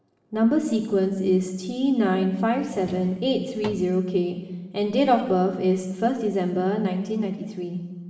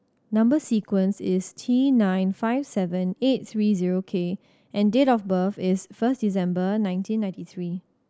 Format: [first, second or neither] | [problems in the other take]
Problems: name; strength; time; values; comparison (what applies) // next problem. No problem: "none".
second | background sound (Drawer open or close); 18 dB below the speech // room echo; dies away in 1.2 s